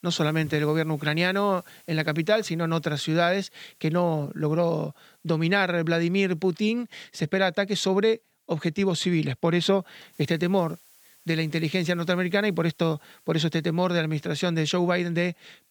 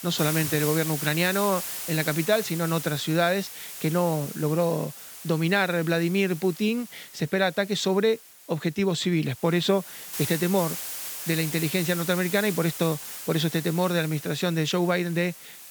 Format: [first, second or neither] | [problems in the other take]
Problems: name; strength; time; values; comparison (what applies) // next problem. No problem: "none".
first | hiss; loud; throughout; 8 dB below the speech; faint in the first